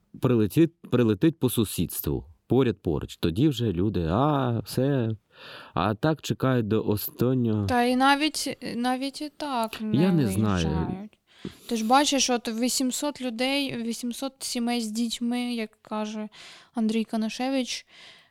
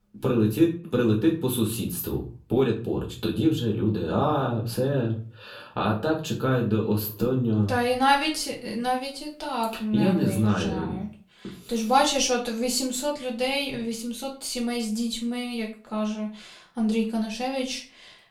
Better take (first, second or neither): first